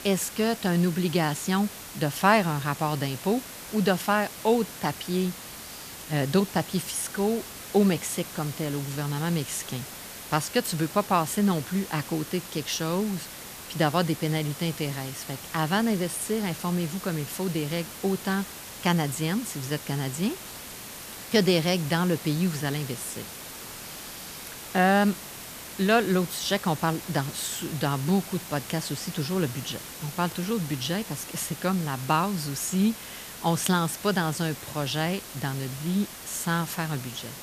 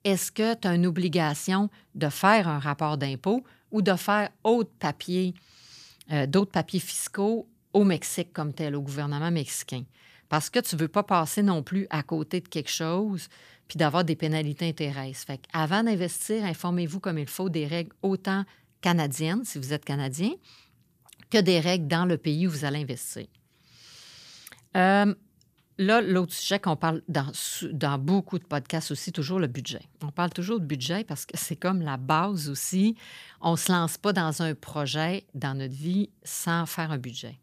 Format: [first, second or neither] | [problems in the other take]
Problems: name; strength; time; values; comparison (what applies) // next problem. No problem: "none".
second | hiss; noticeable; throughout; 10 dB below the speech